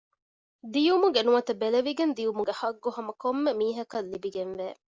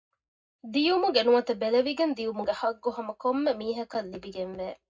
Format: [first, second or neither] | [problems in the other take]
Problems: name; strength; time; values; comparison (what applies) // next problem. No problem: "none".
first | room echo; dies away in 0.3 s